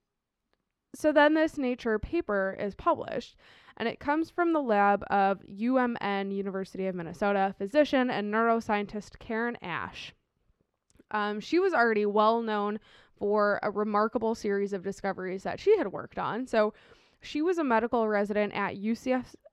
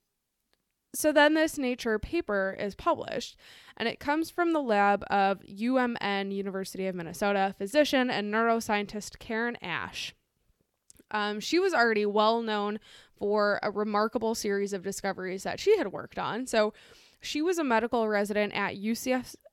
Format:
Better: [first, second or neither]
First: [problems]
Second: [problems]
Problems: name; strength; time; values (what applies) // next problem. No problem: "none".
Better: second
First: muffled; slightly; fading above 1.5 kHz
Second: none